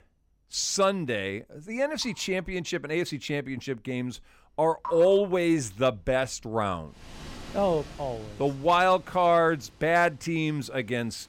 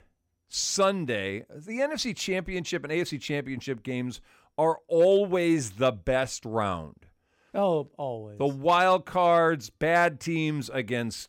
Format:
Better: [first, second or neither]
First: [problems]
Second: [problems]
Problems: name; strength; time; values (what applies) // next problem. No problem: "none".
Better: second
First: rain or running water; noticeable; throughout; 20 dB below the speech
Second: none